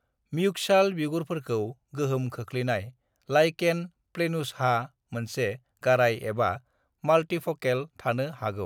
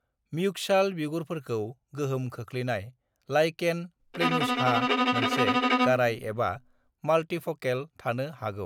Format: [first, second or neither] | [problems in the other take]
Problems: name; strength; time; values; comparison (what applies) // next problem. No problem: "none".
first | background sound (Bowed string instrument); 2 dB above the speech